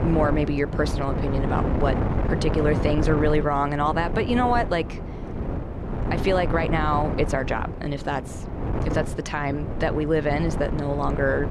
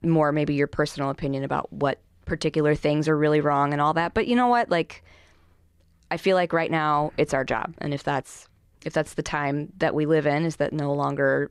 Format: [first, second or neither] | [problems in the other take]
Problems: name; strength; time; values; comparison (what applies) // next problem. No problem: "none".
second | wind noise on the microphone; heavy; 8 dB below the speech